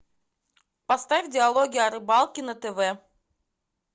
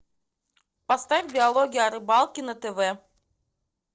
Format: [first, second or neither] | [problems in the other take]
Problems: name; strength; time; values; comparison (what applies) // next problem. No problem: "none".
first | noise reduction (neural separator model SepFormer DNS4)